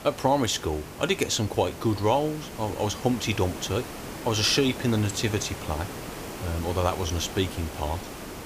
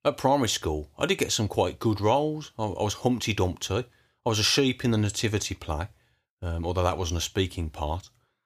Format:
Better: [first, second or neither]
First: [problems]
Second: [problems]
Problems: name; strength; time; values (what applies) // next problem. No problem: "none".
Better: second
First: hiss; noticeable; throughout; 10 dB below the speech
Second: none